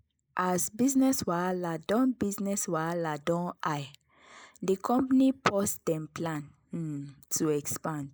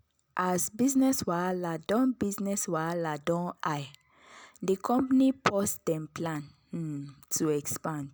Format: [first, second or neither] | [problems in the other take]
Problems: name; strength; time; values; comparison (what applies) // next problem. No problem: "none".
second | noise reduction (neural mask model Resemble Enhance denoiser)